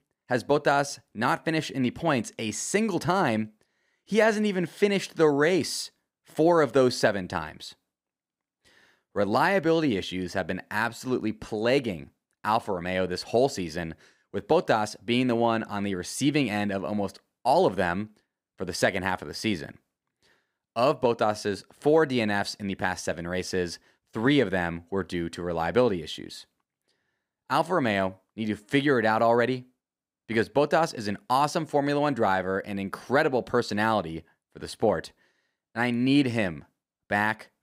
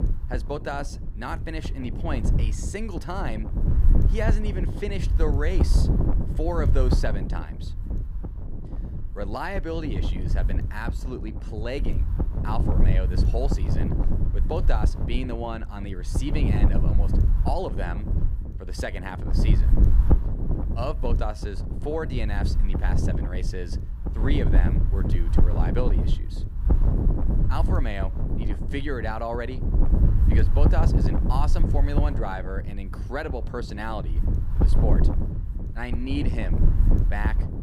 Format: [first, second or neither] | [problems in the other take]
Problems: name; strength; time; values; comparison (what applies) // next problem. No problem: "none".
first | wind noise on the microphone; heavy; 5 dB below the speech